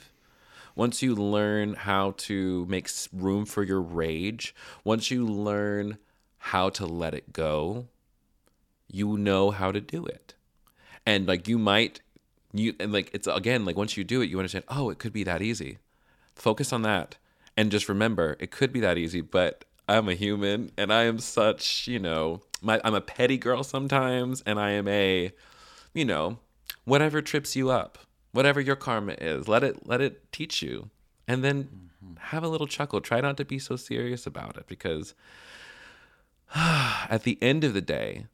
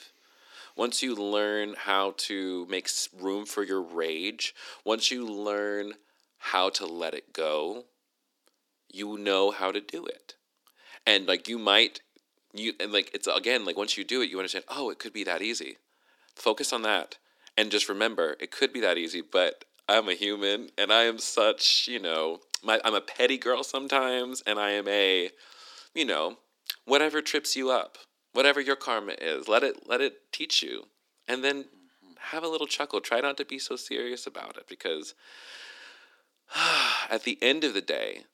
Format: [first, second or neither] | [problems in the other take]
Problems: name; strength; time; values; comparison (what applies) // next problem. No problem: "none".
first | thin; somewhat; fading below 300 Hz